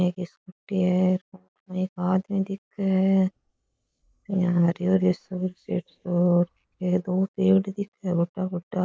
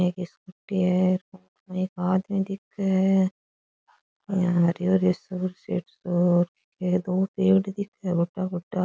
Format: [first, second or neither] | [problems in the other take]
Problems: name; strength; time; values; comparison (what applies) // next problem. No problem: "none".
second | noise reduction (neural mask model Resemble Enhance denoiser)